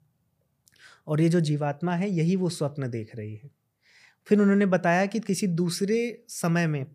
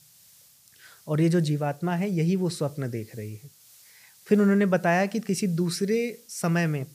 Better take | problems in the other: first | hiss; faint; throughout; 25 dB below the speech

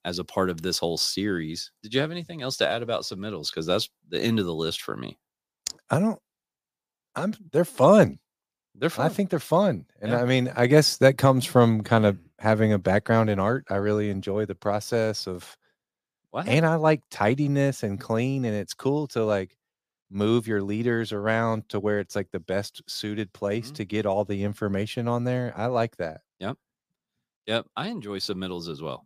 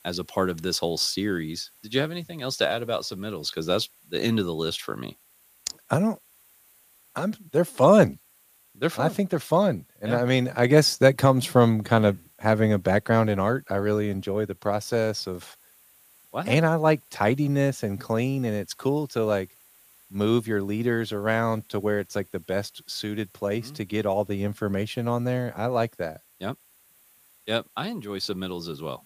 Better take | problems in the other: first | hiss; faint; throughout; 30 dB below the speech

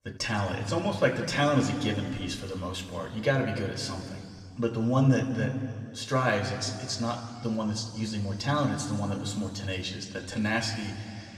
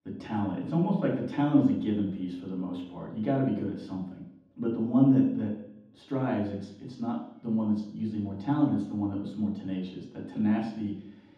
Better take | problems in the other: first | room echo; strong; dies away in 0.9 s; slight in the first // off-mic speech; far; somewhat distant in the first

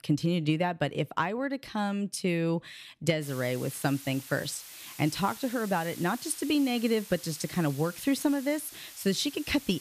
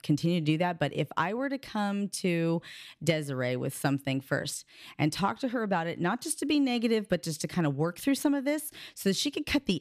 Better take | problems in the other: second | hiss; noticeable; from 3 s on; 15 dB below the speech

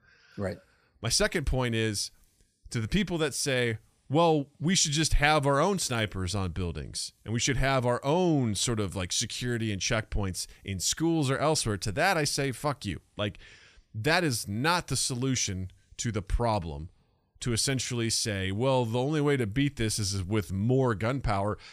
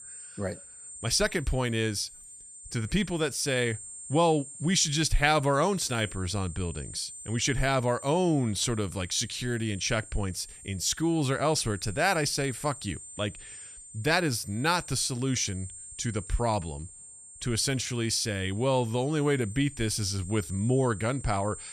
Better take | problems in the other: first | high-pitched whine; noticeable; throughout; 8.5 kHz, 15 dB below the speech

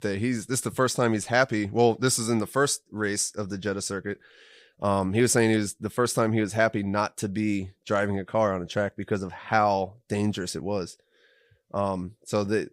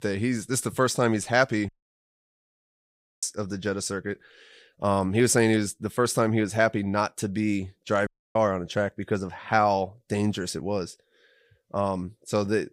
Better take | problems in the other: first | audio cutting out; at 1.5 s for 1.5 s and at 8 s

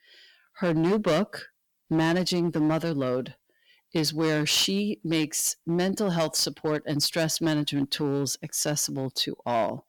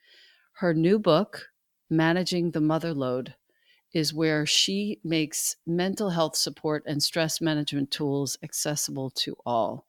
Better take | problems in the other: second | distortion; slight; 7% of the sound clipped

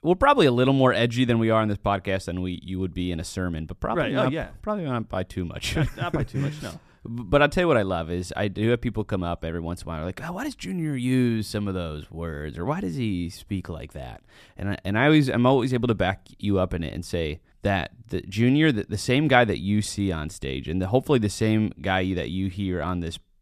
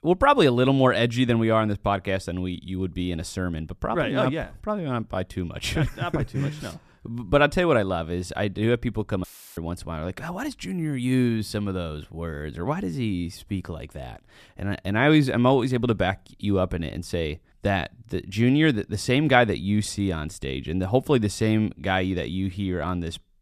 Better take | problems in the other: first | audio cutting out; filled with static; at 9 s

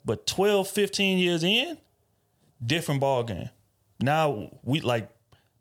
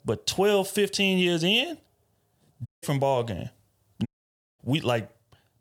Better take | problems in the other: first | audio cutting out; at 2.5 s and at 4 s for 0.5 s

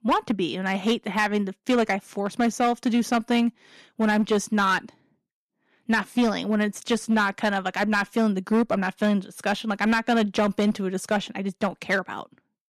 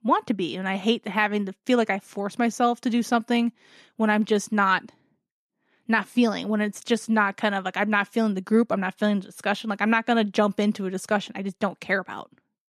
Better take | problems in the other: second | distortion; slight; 7% of the sound clipped

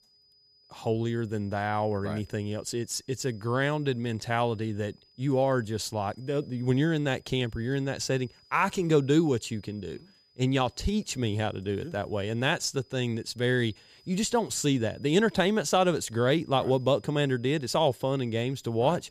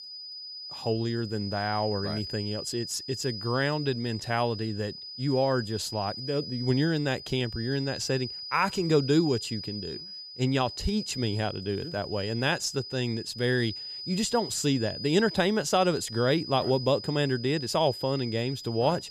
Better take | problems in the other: first | high-pitched whine; loud; throughout; 5 kHz, 9 dB below the speech; faint in the first

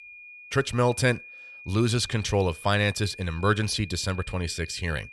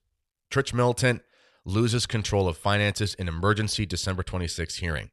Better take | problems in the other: second | high-pitched whine; noticeable; throughout; 2.5 kHz, 15 dB below the speech

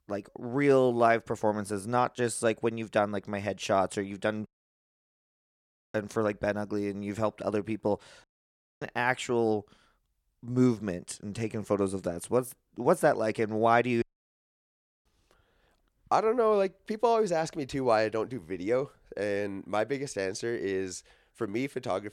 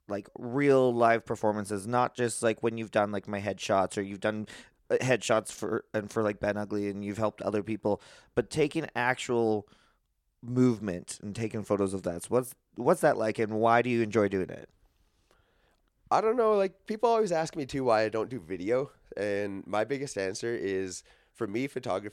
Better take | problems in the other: second | audio cutting out; at 4.5 s for 1.5 s, at 8 s for 0.5 s and at 14 s for 1 s

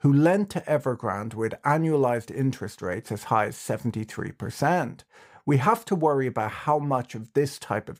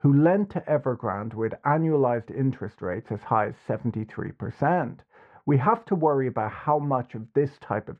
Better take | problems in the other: first | muffled; very; fading above 1.5 kHz

